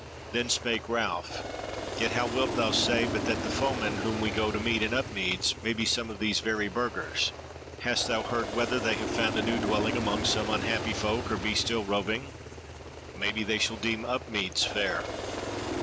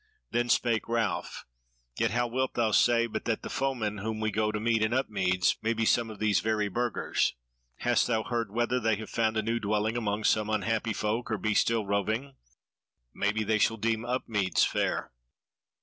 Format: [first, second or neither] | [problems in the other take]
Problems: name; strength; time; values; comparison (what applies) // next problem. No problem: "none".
second | background sound (Aircraft); 5 dB below the speech